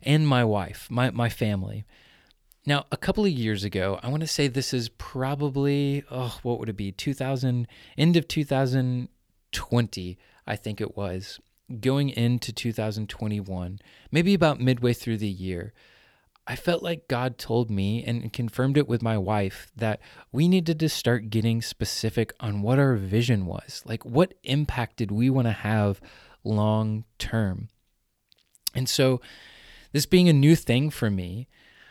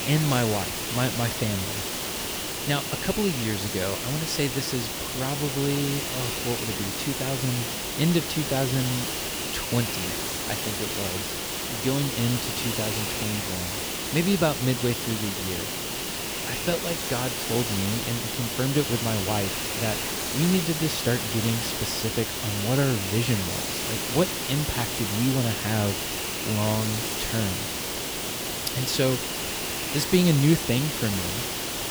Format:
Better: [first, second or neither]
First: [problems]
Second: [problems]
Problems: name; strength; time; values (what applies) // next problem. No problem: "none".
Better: first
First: none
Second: hiss; loud; throughout; as loud as the speech